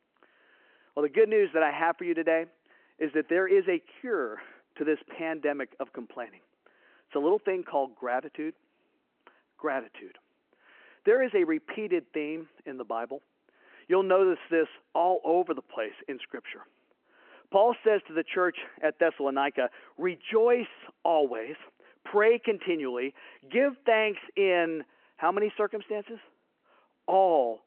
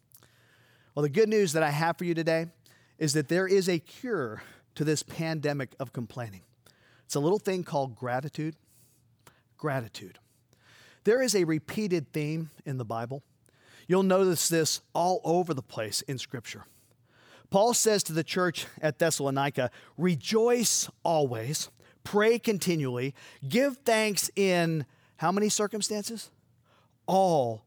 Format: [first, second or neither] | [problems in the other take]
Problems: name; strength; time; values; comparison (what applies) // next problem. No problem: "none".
second | phone-call audio